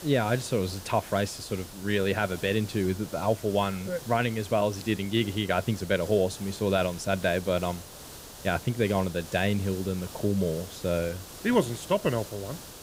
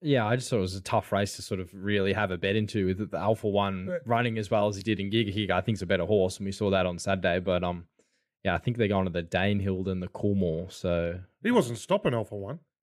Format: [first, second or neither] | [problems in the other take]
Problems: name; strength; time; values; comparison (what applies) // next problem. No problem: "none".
second | hiss; noticeable; throughout; 15 dB below the speech